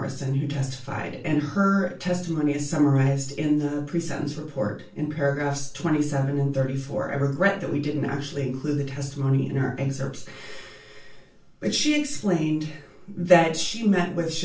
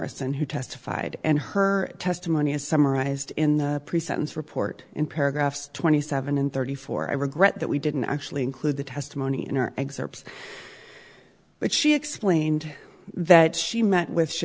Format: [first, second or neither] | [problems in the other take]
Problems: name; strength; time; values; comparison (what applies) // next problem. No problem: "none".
second | room echo; dies away in 0.3 s